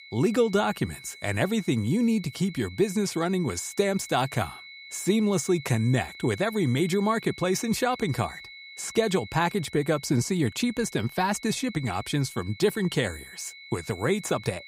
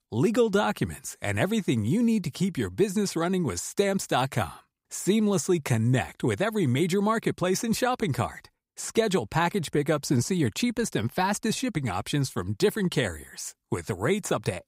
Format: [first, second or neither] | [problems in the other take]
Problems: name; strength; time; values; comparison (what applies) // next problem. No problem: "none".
second | high-pitched whine; noticeable; throughout; 2 kHz, 15 dB below the speech